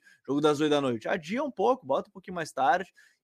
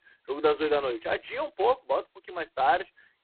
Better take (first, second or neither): first